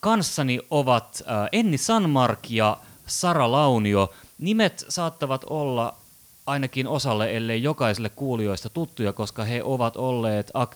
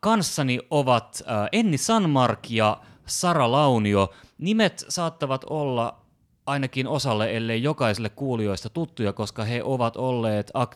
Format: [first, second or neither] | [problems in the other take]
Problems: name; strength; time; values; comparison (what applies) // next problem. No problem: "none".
second | hiss; faint; throughout; 25 dB below the speech